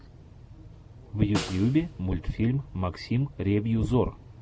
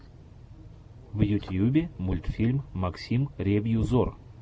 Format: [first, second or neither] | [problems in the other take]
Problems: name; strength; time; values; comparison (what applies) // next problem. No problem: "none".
second | background sound (Snare drum); 12 dB below the speech